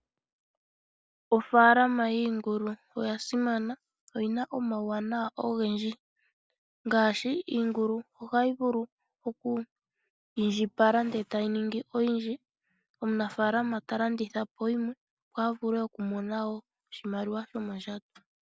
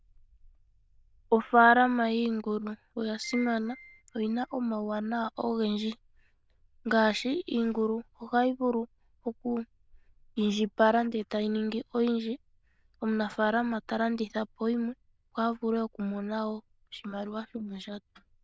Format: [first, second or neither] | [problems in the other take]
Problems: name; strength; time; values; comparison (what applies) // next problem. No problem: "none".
first | noise reduction (neural diffusion model UNIVERSE++)